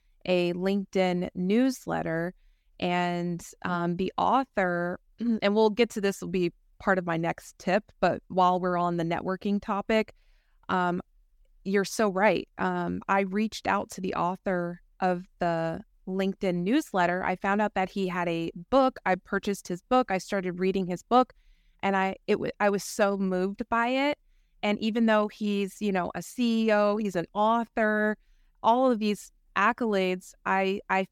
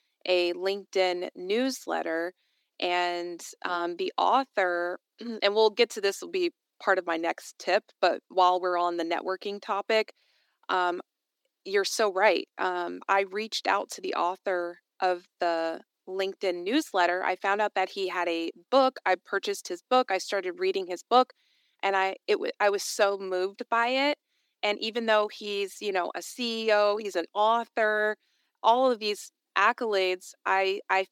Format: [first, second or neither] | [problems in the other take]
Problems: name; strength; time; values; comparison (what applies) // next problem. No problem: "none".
first | thin; somewhat; fading below 300 Hz